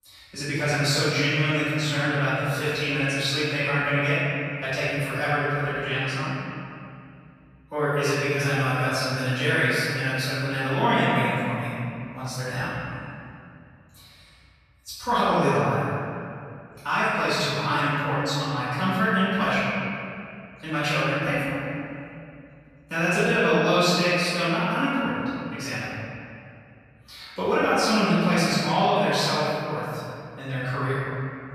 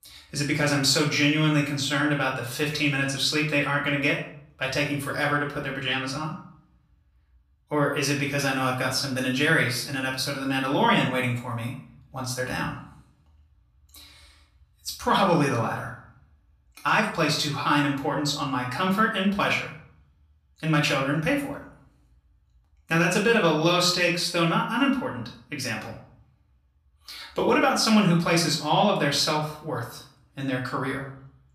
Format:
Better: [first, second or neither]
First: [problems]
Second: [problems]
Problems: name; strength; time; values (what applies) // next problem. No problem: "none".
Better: second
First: room echo; strong; dies away in 2.5 s // off-mic speech; far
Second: room echo; slight; dies away in 0.5 s // off-mic speech; far